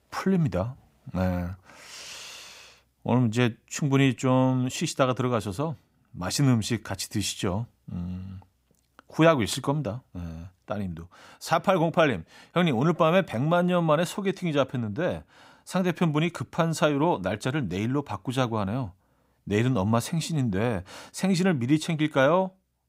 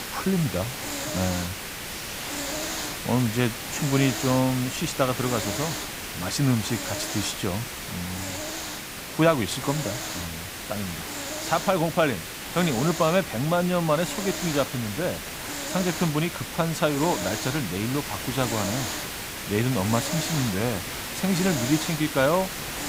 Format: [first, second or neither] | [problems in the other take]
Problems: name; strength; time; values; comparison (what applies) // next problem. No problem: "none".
first | hiss; loud; throughout; 5 dB below the speech